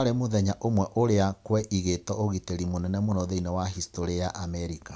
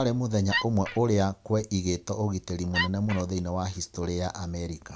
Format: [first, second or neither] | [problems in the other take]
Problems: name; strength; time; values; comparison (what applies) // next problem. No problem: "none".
first | background sound (Wood); 4 dB below the speech